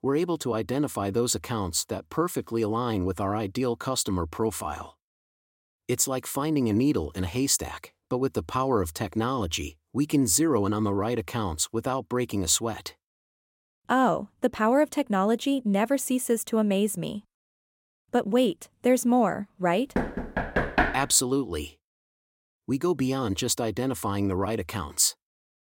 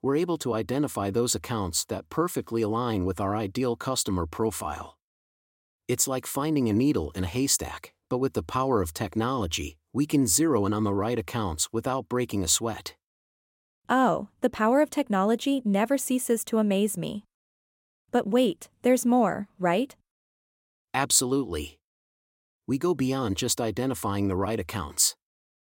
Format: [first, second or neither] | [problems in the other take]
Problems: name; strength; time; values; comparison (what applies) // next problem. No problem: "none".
second | door banging; loud; from 20 to 21 s; peak 2 dB above the speech